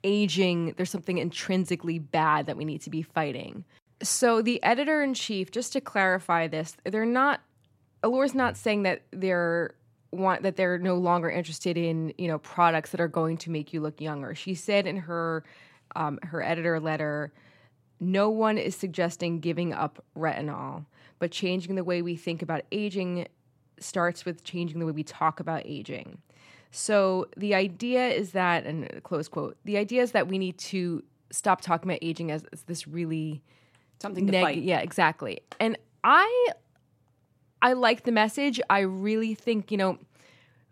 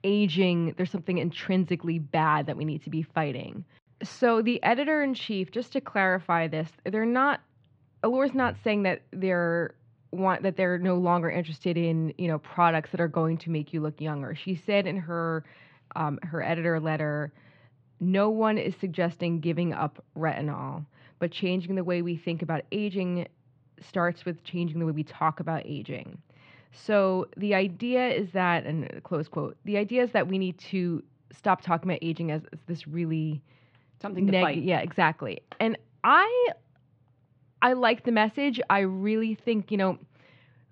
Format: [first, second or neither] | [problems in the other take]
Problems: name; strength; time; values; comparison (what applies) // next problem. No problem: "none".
first | muffled; slightly; fading above 3.5 kHz